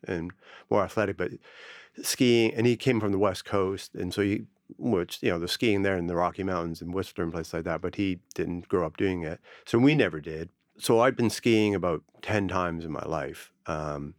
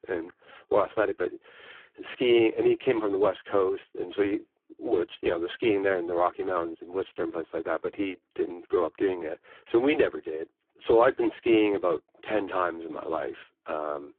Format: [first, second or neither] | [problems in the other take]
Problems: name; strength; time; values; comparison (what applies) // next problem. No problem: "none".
first | phone-call audio; poor line